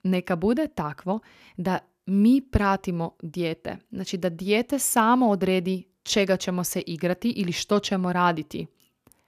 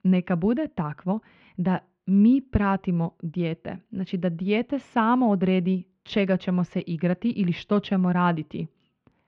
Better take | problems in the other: first | muffled; very; fading above 3 kHz

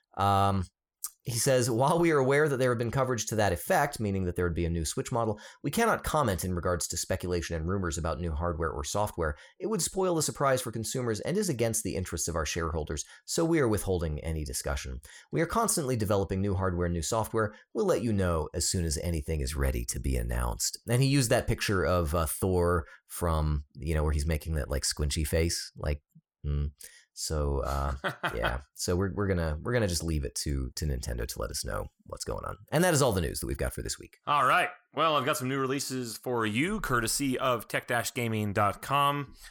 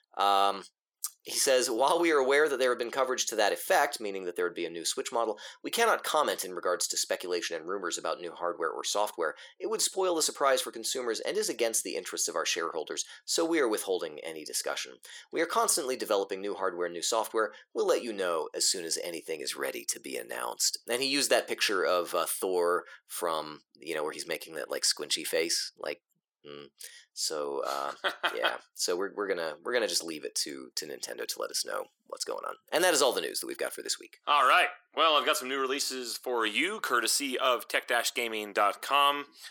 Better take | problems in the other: first | thin; very; fading below 350 Hz

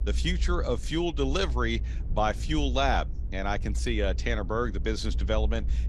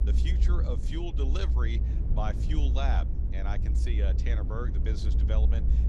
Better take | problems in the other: first | low rumble; loud; throughout; 6 dB below the speech; faint in the first

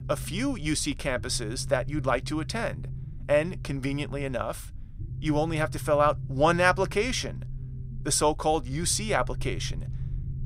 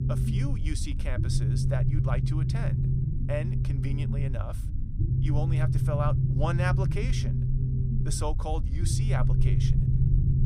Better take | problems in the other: first | low rumble; loud; throughout; 3 dB below the speech; faint in the first

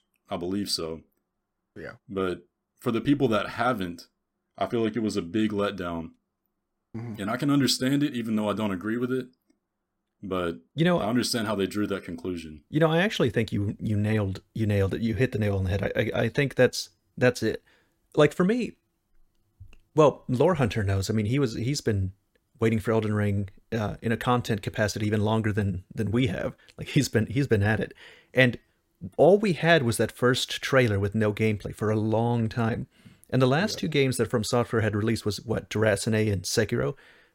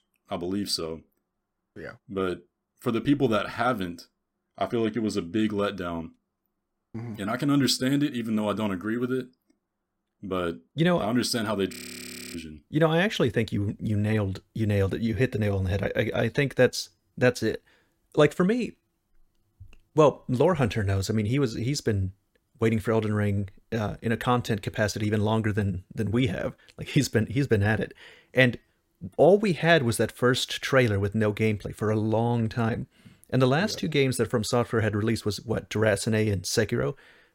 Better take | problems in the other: first | audio freezing; at 12 s for 0.5 s

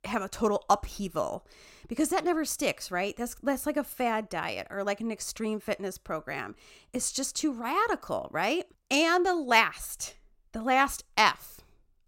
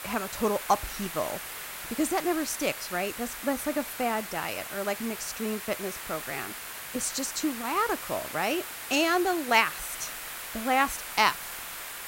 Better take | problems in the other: first | hiss; loud; throughout; 7 dB below the speech

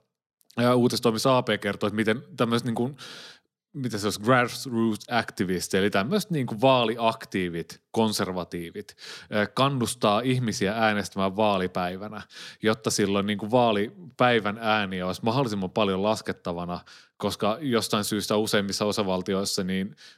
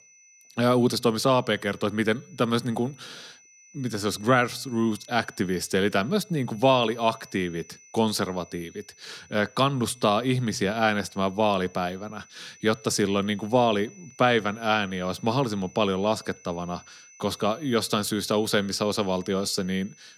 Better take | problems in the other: first | high-pitched whine; faint; throughout; 6 kHz, 25 dB below the speech

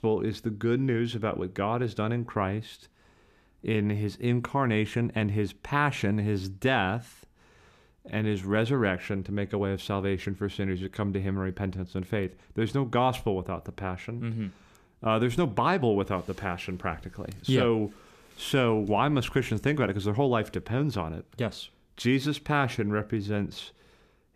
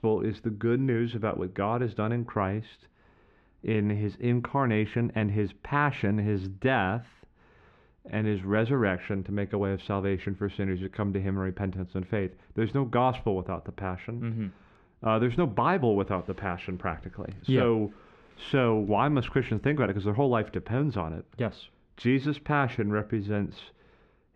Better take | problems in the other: first | muffled; slightly; fading above 2.5 kHz

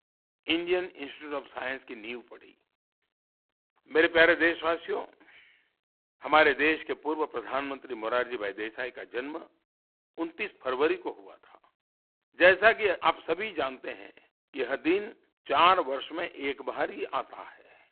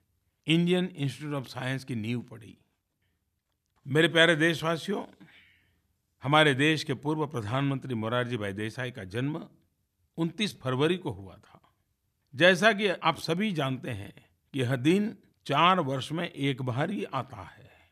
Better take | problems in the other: second | phone-call audio; poor line

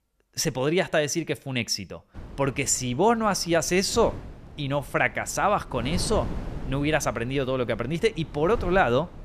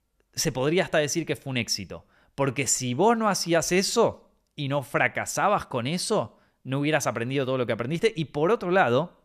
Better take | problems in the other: second | wind noise on the microphone; occasional gusts; from 2 s on; 20 dB below the speech

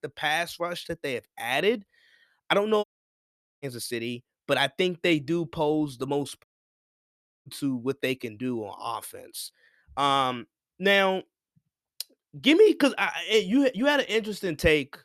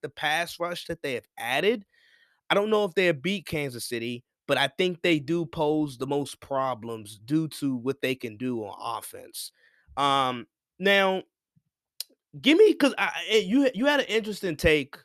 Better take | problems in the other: second | audio cutting out; at 3 s for 1 s and at 6.5 s for 1 s

